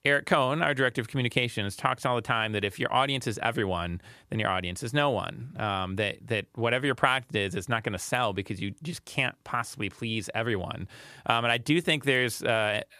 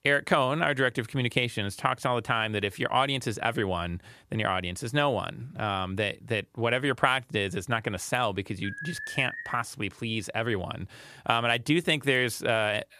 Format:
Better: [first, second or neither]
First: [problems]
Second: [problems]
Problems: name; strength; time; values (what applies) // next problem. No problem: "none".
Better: first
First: none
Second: alarm; noticeable; at 8.5 s; peak 9 dB below the speech